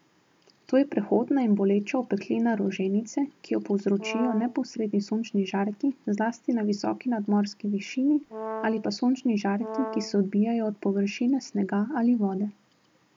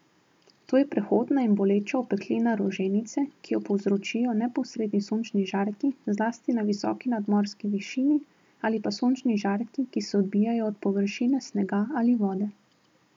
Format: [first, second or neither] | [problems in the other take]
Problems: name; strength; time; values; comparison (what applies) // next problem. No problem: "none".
second | background sound (Brass instrument); 10 dB below the speech